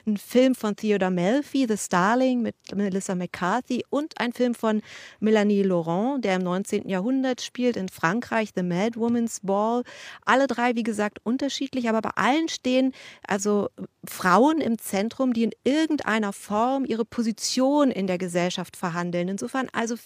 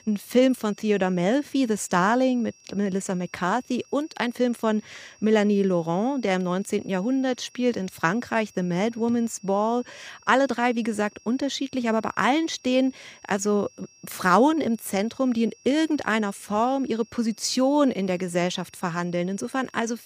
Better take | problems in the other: first | high-pitched whine; faint; throughout; 5.5 kHz, 30 dB below the speech

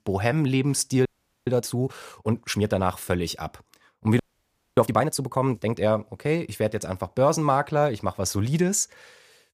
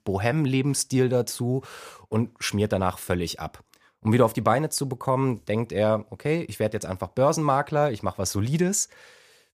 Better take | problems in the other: second | audio freezing; at 1 s and at 4 s for 0.5 s

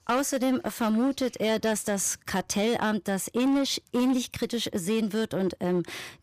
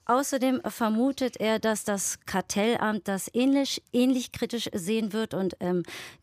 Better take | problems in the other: second | distortion; slight; 11% of the sound clipped

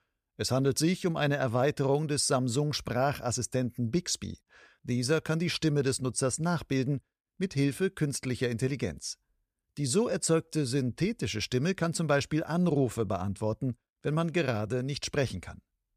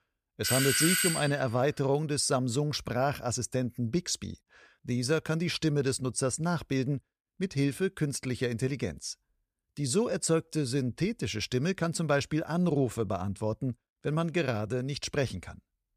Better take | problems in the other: first | doorbell; loud; at 0.5 s; peak 6 dB above the speech

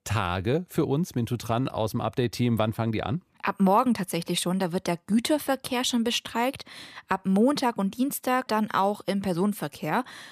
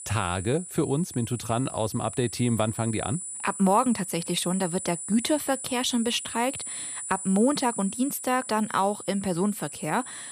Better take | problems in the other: first | high-pitched whine; loud; throughout; 9.5 kHz, 8 dB below the speech

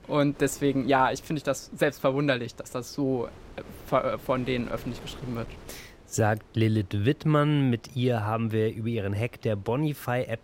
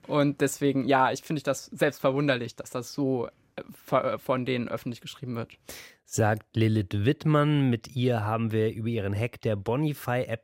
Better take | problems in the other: second | wind noise on the microphone; occasional gusts; 25 dB below the speech

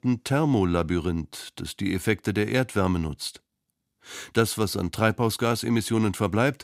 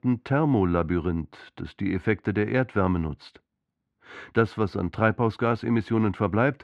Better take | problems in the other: first | muffled; very; fading above 1.5 kHz

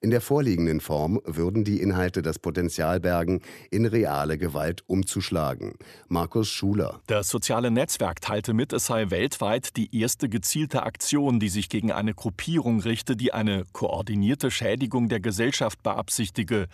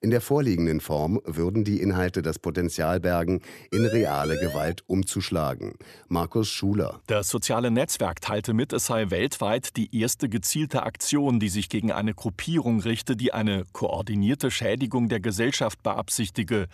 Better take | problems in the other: first | siren; noticeable; from 3.5 to 4.5 s; peak 6 dB below the speech

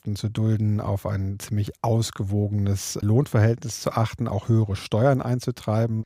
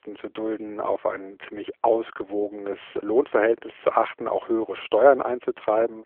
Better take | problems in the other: first | phone-call audio

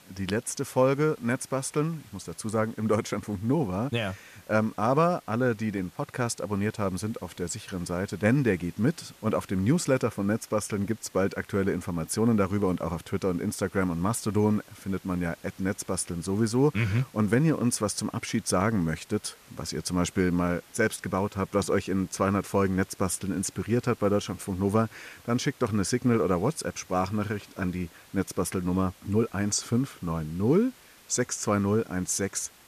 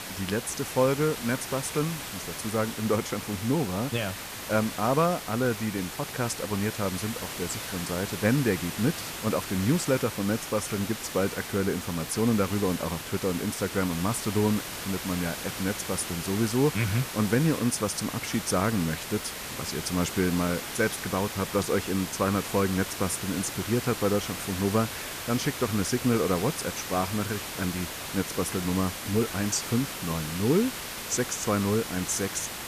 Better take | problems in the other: first | hiss; loud; throughout; 6 dB below the speech; faint in the first

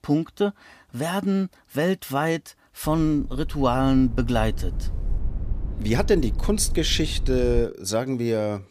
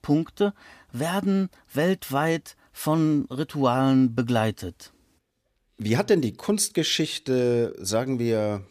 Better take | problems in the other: second | low rumble; faint; from 3 to 7.5 s; 20 dB below the speech

